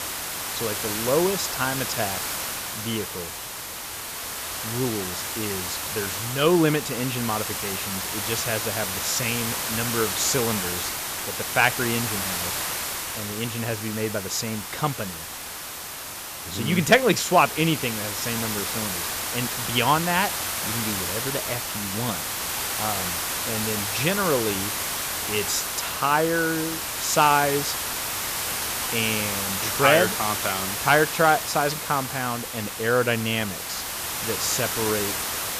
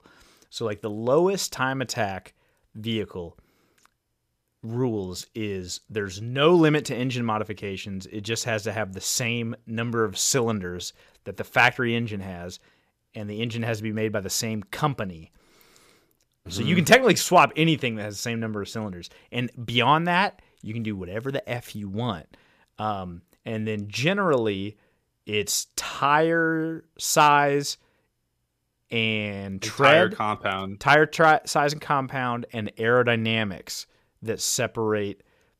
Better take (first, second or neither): second